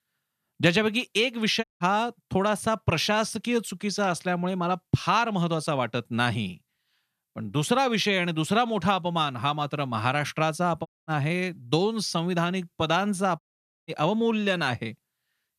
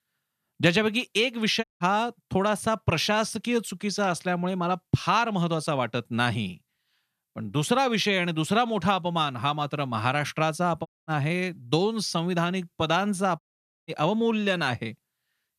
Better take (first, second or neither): neither